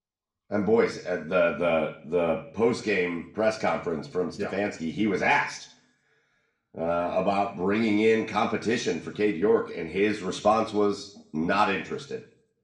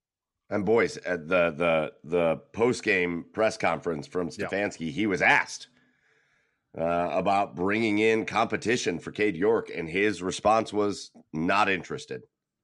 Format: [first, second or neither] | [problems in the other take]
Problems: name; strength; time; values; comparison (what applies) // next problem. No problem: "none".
second | room echo; slight; dies away in 0.5 s // off-mic speech; somewhat distant